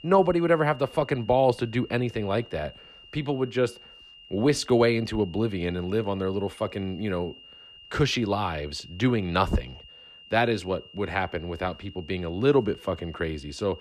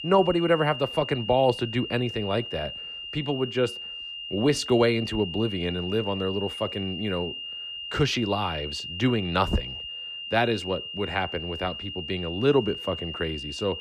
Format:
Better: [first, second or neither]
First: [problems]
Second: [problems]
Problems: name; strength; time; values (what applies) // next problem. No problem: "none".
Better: first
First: high-pitched whine; faint; throughout; 3 kHz, 20 dB below the speech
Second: high-pitched whine; loud; throughout; 3 kHz, 7 dB below the speech